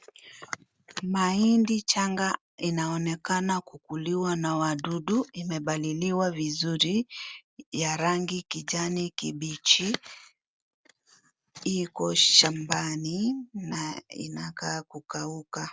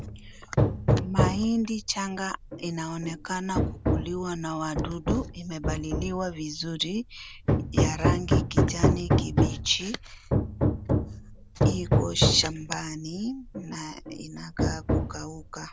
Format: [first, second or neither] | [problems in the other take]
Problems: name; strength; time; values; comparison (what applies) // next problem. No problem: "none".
first | background sound (Hammer); 5 dB above the speech